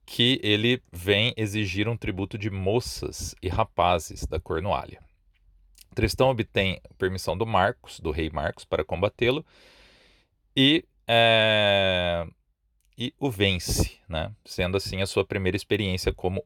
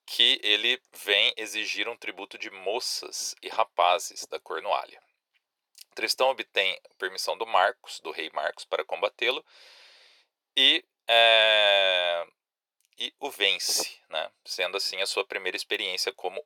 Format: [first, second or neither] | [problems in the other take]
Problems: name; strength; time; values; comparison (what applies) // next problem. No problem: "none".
first | thin; very; fading below 550 Hz